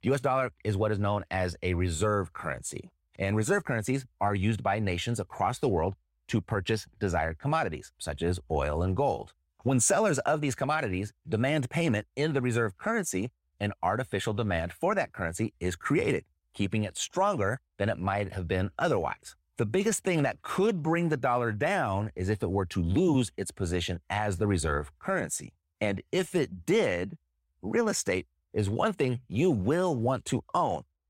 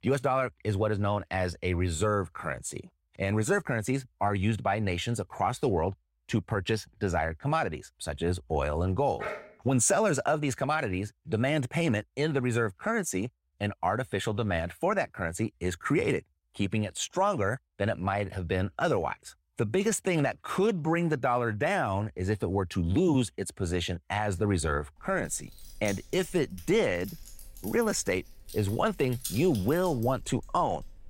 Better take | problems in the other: first | dog barking; noticeable; at 9 s; peak 8 dB below the speech // jangling keys; noticeable; from 25 s on; peak 7 dB below the speech

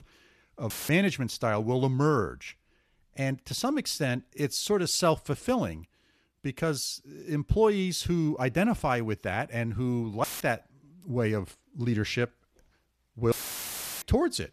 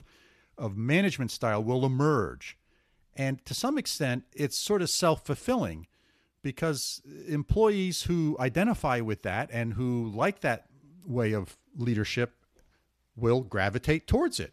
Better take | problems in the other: second | audio cutting out; filled with static; at 0.5 s, at 10 s and at 13 s for 0.5 s

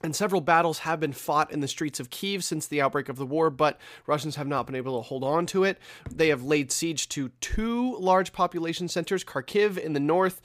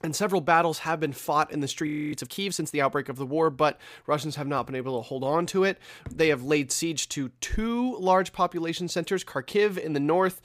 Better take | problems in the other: first | audio freezing; at 2 s

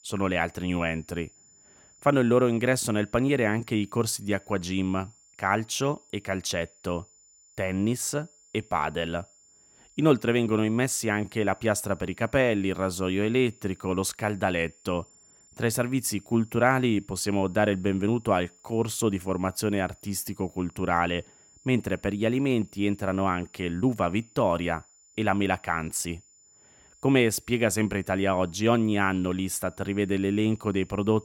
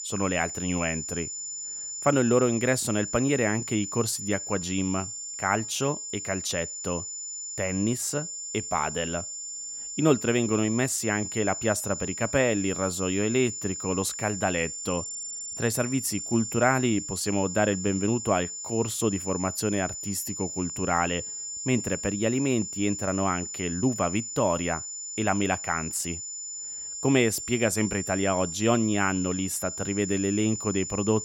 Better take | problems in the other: first | high-pitched whine; loud; throughout; 7 kHz, 6 dB below the speech; faint in the first

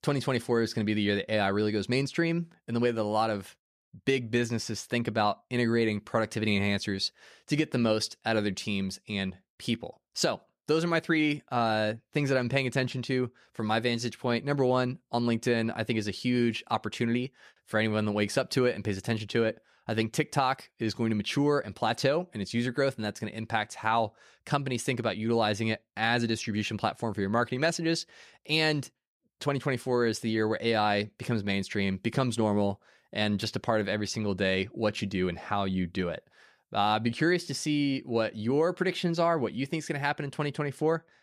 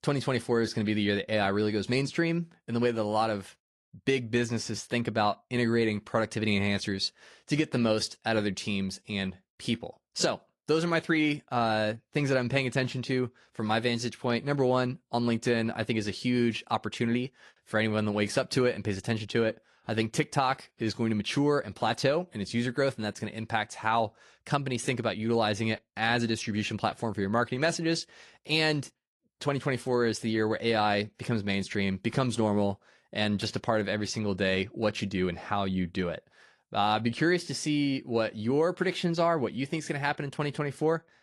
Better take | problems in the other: first | garbled, watery; slightly; nothing above 11 kHz

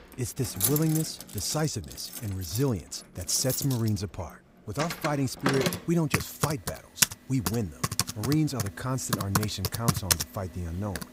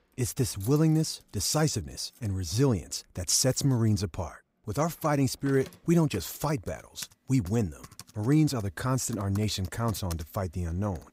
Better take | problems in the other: second | household noises; loud; throughout; 1 dB below the speech; faint in the second

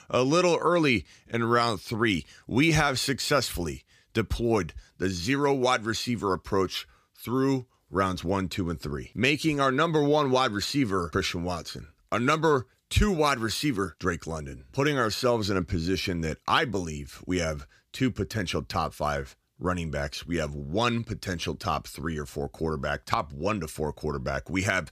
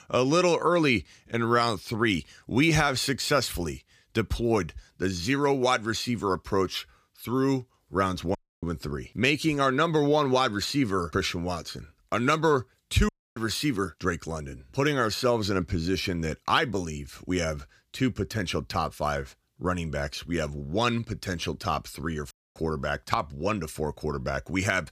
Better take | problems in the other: first | audio cutting out; at 8.5 s, at 13 s and at 22 s

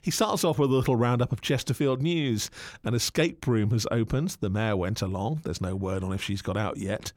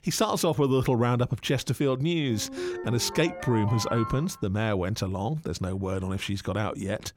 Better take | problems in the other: first | phone ringing; noticeable; from 2.5 to 4.5 s; peak 7 dB below the speech

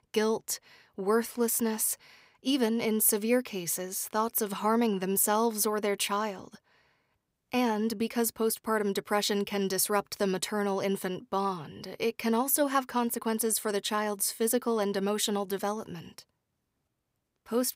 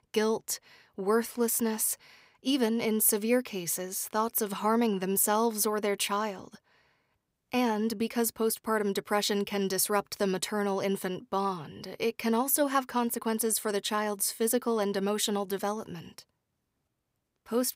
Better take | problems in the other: neither | none

